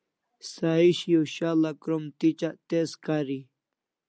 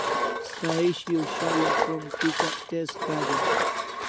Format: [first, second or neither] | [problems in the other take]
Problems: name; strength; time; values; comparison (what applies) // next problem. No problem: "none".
first | background sound (Engine); 2 dB above the speech